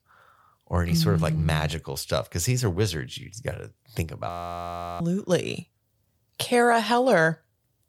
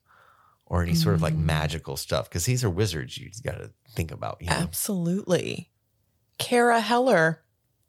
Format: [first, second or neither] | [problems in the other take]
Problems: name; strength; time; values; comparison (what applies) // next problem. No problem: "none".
second | audio freezing; at 4.5 s for 0.5 s